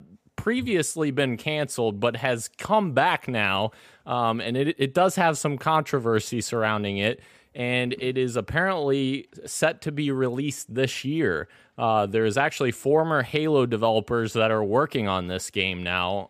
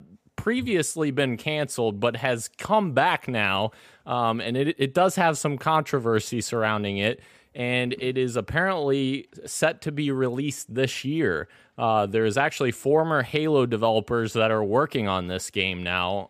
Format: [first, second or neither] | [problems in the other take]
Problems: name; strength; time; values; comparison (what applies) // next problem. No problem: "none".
neither | none